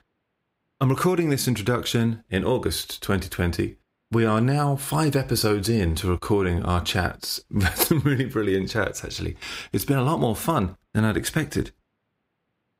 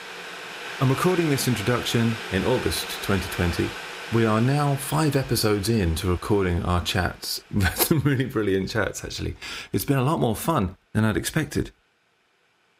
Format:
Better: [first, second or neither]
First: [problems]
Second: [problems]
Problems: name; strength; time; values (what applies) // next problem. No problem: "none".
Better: first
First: none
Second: household noises; noticeable; throughout; 10 dB below the speech